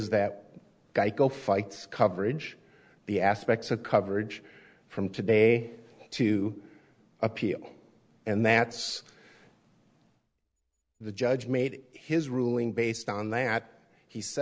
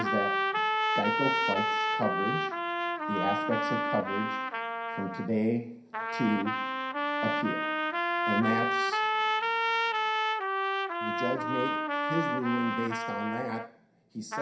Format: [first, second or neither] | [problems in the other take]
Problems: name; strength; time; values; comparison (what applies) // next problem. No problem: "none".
first | background sound (Trumpet); 4 dB above the speech // room echo; dies away in 0.5 s